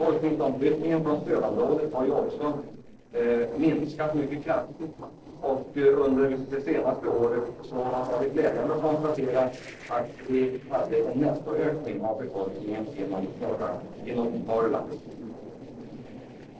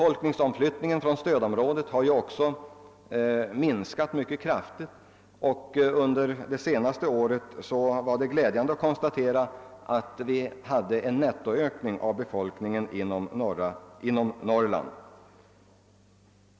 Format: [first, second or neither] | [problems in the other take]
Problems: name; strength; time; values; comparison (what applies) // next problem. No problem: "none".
second | noise reduction (neural separator model SepFormer DNS4)